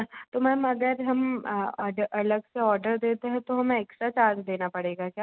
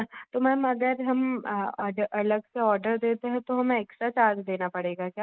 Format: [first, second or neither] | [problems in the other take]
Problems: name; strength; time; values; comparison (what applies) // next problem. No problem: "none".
first | noise reduction (neural mask model Resemble Enhance denoiser)